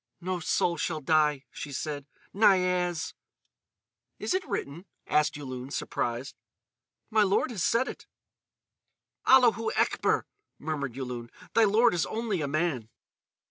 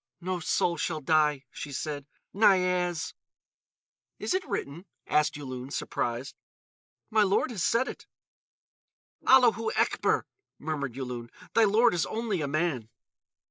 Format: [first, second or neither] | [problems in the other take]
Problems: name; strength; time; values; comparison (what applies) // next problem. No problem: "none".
first | noise reduction (neural mask model Resemble Enhance denoiser)